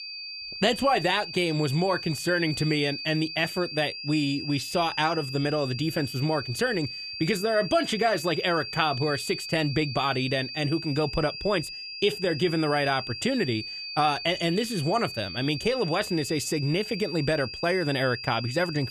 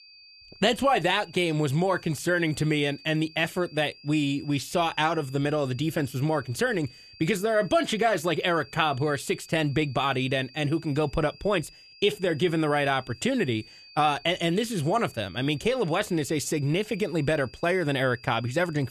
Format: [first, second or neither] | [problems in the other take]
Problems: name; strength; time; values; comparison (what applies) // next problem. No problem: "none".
second | high-pitched whine; loud; throughout; 4.5 kHz, 8 dB below the speech; faint in the second